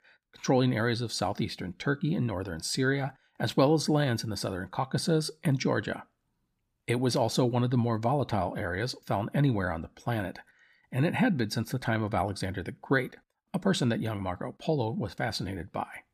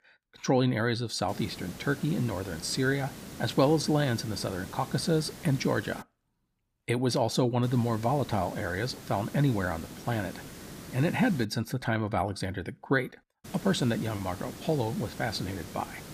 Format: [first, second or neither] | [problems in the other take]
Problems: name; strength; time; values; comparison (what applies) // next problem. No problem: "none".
first | hiss; noticeable; from 1.5 to 6 s, from 7.5 to 11 s and from 13 s on; 15 dB below the speech